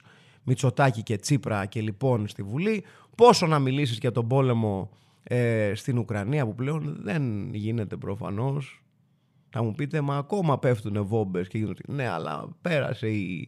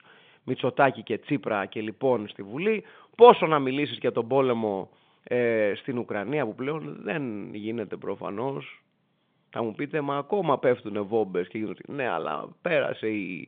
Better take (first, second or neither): first